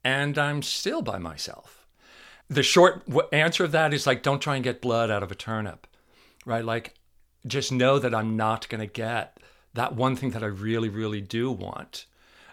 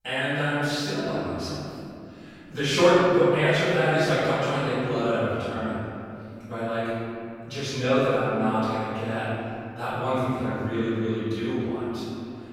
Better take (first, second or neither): first